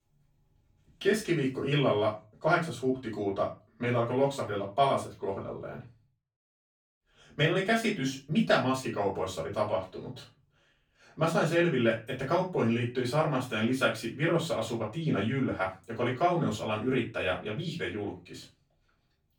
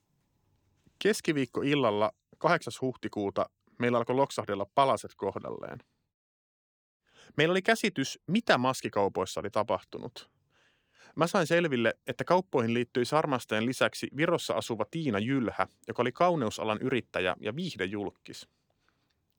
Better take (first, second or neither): second